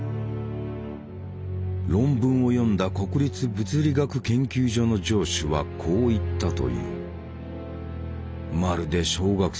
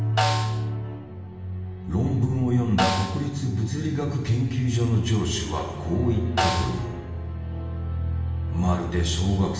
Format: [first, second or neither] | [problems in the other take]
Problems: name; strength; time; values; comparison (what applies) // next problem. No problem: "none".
first | background sound (Snare drum); 8 dB below the speech // room echo; dies away in 1.1 s